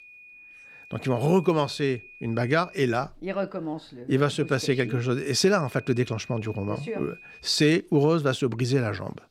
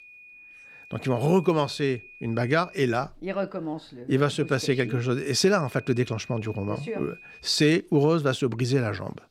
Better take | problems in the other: neither | high-pitched whine; faint; until 3 s and from 4.5 to 7.5 s; 2.5 kHz, 20 dB below the speech; the same in both

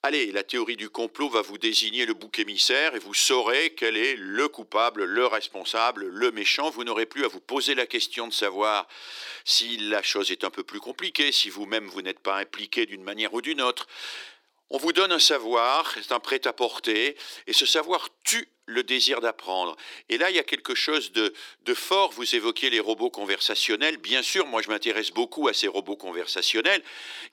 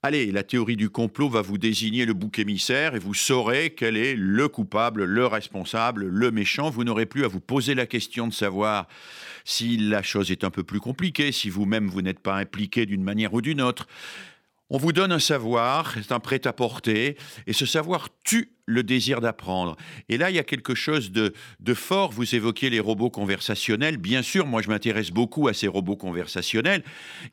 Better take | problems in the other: second | thin; very; fading below 350 Hz

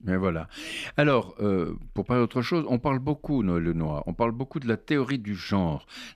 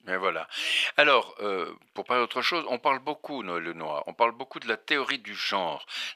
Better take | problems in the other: first | thin; very; fading below 750 Hz

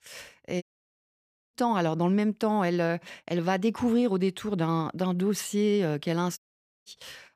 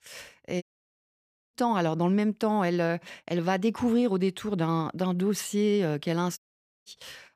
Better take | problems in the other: neither | audio cutting out; at 0.5 s for 1 s and at 6.5 s; the same in both

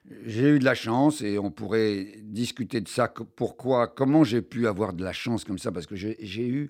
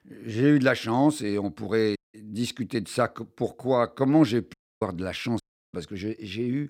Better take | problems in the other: first | audio cutting out; at 2 s, at 4.5 s and at 5.5 s

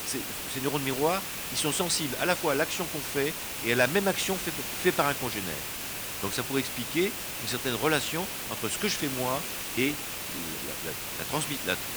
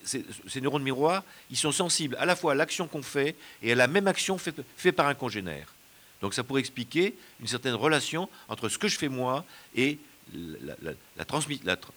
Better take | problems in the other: second | hiss; loud; throughout; 2 dB below the speech; faint in the second

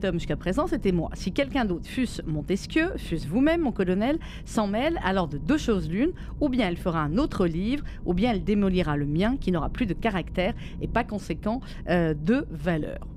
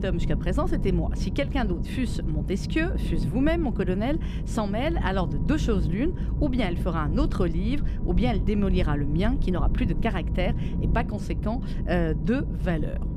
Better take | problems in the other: first | low rumble; loud; throughout; 10 dB below the speech; faint in the first

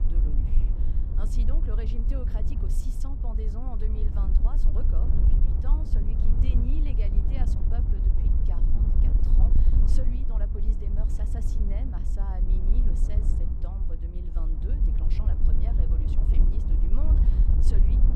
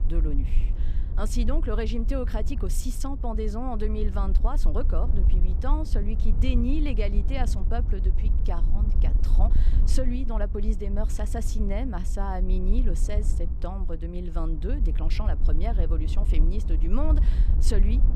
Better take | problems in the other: second | wind noise on the microphone; heavy; 1 dB above the speech; occasional gusts in the second

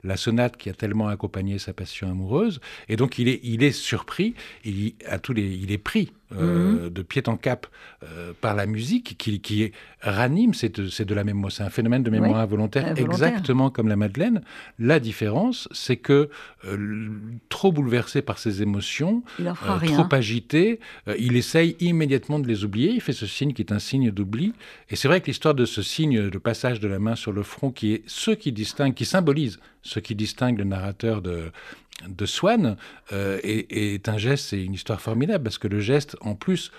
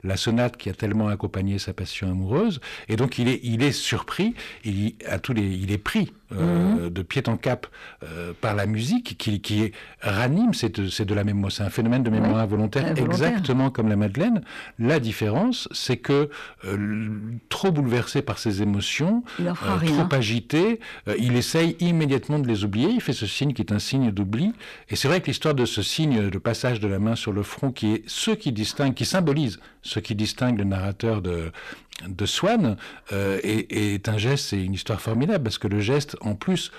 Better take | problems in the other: first | distortion; slight; 10 dB below the speech

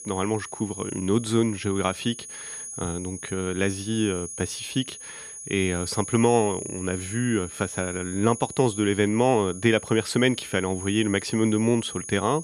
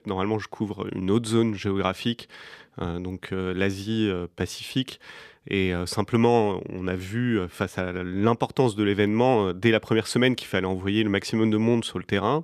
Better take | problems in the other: second | high-pitched whine; noticeable; throughout; 10 kHz, 10 dB below the speech

